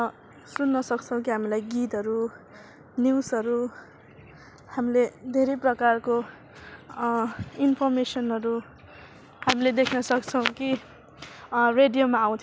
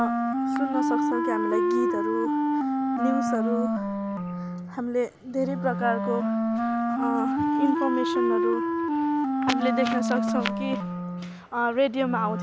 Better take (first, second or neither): first